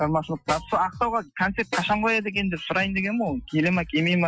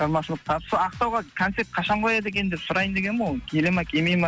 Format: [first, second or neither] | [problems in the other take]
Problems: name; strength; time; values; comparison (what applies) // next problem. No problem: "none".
second | noise reduction (classical method Wiener filter)